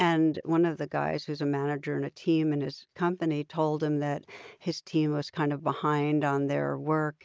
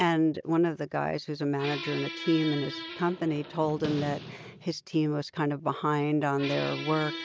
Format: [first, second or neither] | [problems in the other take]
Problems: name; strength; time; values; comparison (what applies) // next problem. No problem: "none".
first | background sound (Squeak); 12 dB below the speech